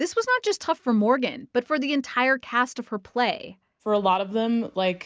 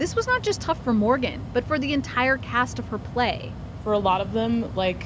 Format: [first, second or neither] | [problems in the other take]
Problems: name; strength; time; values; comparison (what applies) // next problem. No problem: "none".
first | background sound (Mechanical fan); 10 dB below the speech